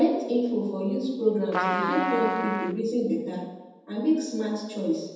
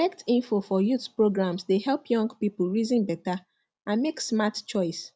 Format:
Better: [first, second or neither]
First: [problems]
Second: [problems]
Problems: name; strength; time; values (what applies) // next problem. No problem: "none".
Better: second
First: background sound (Trumpet); 3 dB below the speech // room echo; dies away in 1.1 s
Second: none